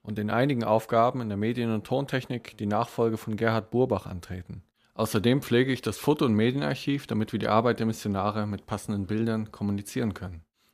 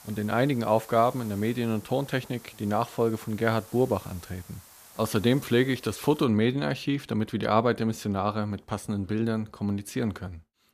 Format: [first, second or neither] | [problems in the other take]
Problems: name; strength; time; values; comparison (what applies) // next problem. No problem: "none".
first | hiss; faint; until 6.5 s; 20 dB below the speech